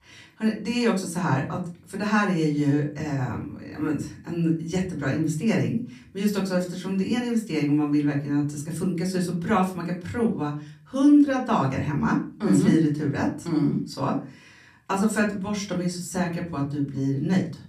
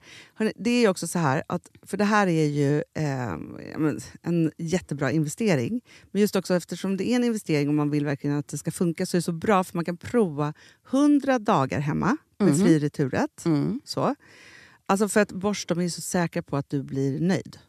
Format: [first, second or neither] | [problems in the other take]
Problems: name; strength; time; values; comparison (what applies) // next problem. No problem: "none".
second | room echo; slight; dies away in 0.4 s // off-mic speech; far